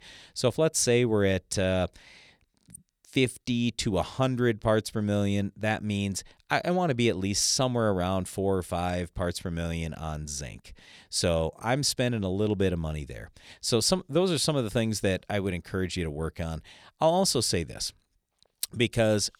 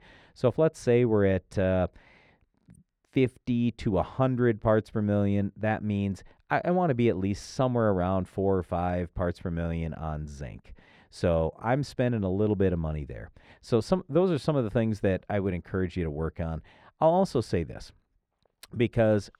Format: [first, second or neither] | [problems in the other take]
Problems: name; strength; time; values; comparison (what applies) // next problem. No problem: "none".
first | muffled; very; fading above 3 kHz